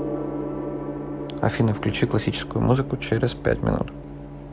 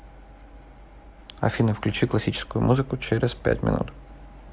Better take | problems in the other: second | background sound (Gong); 7 dB below the speech

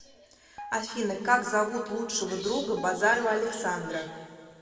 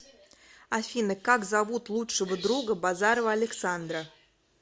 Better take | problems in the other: second | background sound (Guitar); 19 dB below the speech // room echo; dies away in 1.9 s

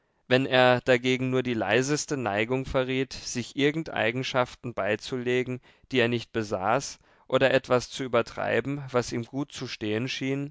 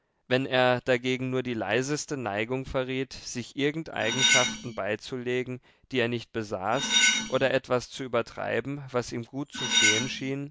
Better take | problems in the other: first | background sound (Cutlery, silverware); 3 dB above the speech

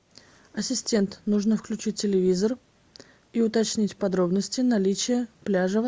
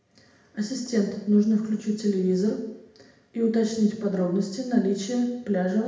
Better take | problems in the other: first | room echo; dies away in 0.8 s

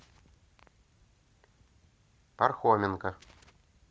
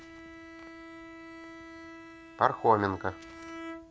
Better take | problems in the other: first | background sound (Bowed string instrument); 13 dB below the speech

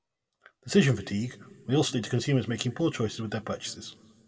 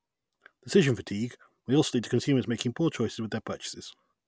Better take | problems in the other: second | room echo; dies away in 1.3 s

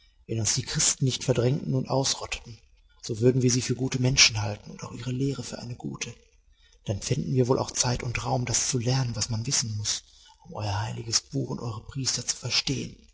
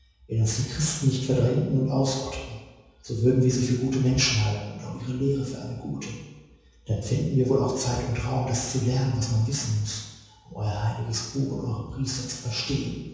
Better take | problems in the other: first | room echo; dies away in 1.2 s

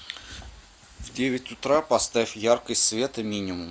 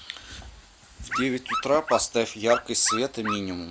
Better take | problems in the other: first | background sound (Dog); 6 dB below the speech

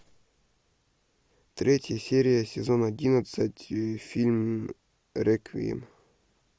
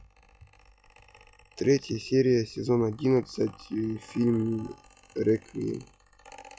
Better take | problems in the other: first | noise reduction (classical method log-MMSE)

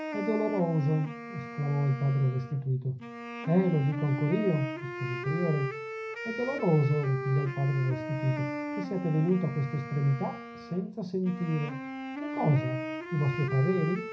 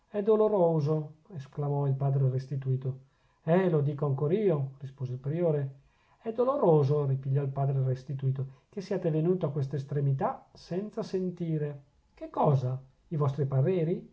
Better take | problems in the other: second | background sound (Wind instrument, woodwind instrument); 8 dB below the speech // room echo; dies away in 0.5 s

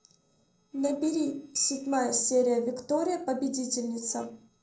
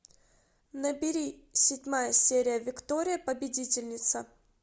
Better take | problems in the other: second | noise reduction (neural separator model SepFormer DNS4)

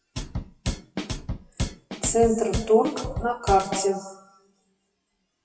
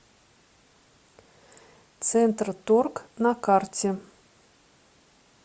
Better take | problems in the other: second | noise reduction (classical method WPE with log-MMSE)

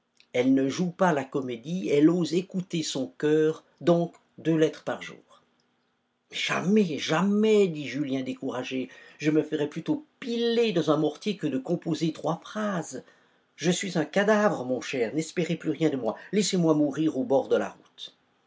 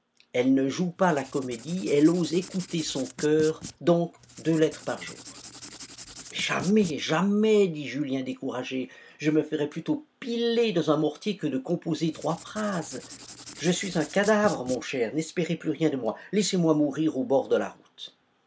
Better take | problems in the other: first | background sound (Writing); 17 dB below the speech

